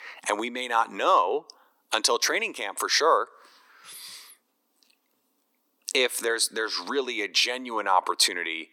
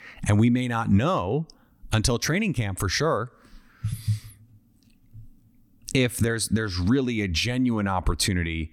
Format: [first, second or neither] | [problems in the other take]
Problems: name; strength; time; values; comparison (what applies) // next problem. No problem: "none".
second | thin; very; fading below 400 Hz